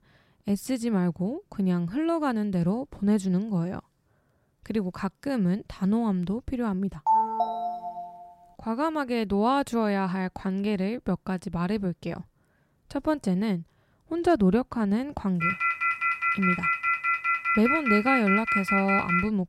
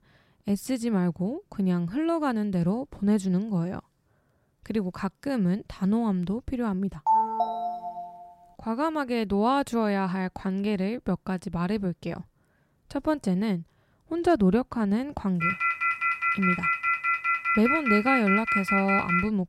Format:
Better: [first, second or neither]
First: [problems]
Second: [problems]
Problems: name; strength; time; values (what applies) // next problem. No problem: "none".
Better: neither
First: phone ringing; loud; at 7 s and from 15 s on; peak 4 dB above the speech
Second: phone ringing; loud; at 7 s and from 15 s on; peak 4 dB above the speech